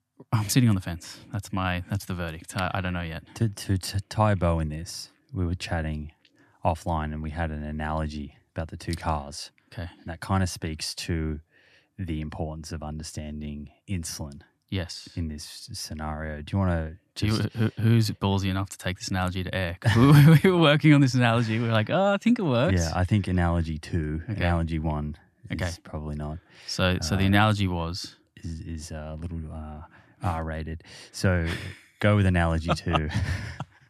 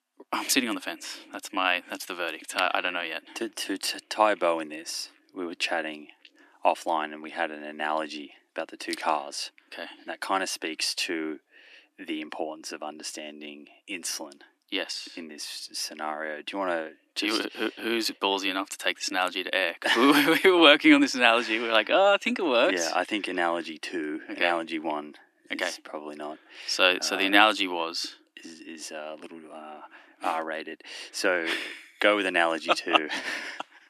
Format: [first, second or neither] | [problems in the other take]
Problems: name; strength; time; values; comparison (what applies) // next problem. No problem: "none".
first | thin; somewhat; fading below 300 Hz